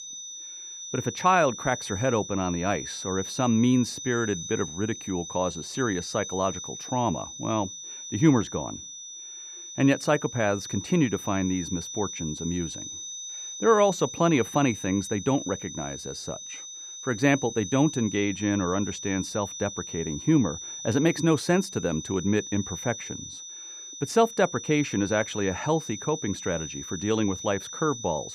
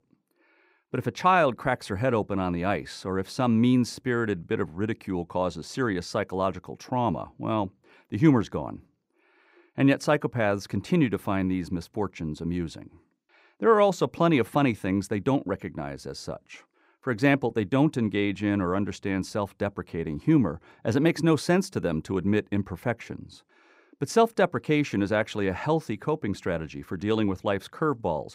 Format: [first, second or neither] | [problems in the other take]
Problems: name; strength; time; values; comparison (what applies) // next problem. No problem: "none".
second | high-pitched whine; loud; throughout; 6 kHz, 9 dB below the speech